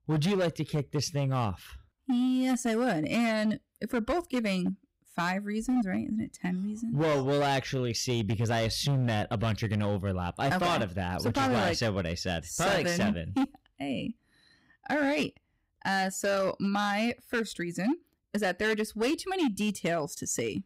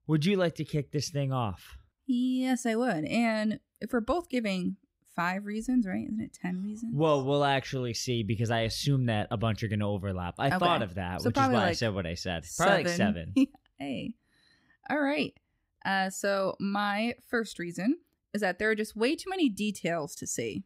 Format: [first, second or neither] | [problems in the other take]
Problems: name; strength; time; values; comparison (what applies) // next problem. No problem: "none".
second | distortion; slight; 12% of the sound clipped